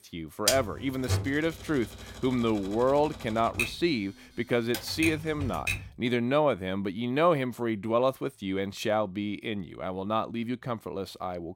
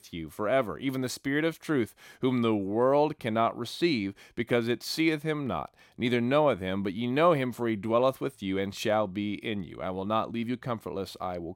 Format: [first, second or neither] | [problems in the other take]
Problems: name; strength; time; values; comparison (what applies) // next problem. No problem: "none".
second | keyboard typing; loud; until 6 s; peak 2 dB above the speech